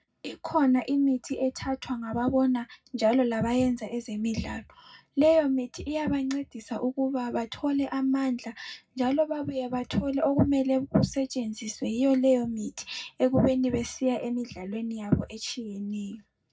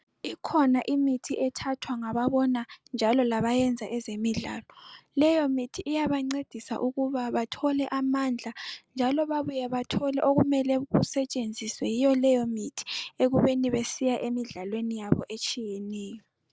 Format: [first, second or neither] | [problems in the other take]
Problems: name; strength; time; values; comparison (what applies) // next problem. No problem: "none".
second | room echo; dies away in 0.4 s